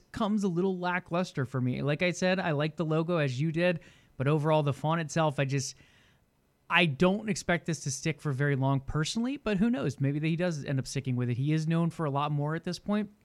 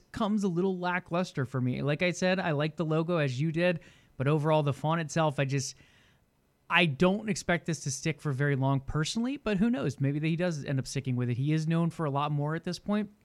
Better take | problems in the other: neither | none

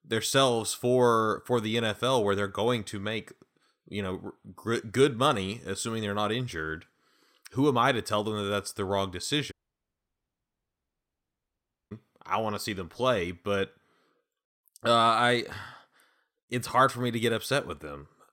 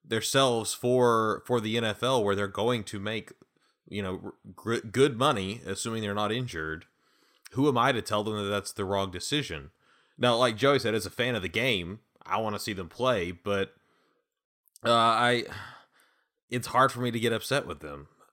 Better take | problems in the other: second | audio cutting out; at 9.5 s for 2.5 s

